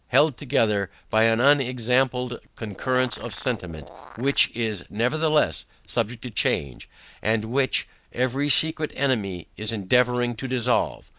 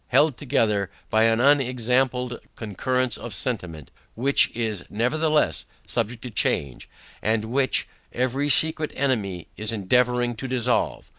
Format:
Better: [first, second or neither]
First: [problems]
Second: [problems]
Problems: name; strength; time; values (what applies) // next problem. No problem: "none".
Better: second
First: background sound (Animal); 18 dB below the speech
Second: none